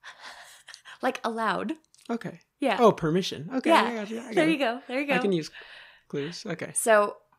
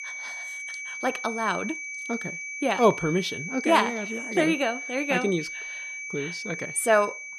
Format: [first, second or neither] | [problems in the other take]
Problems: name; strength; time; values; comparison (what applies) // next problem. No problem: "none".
first | high-pitched whine; loud; throughout; 2.5 kHz, 7 dB below the speech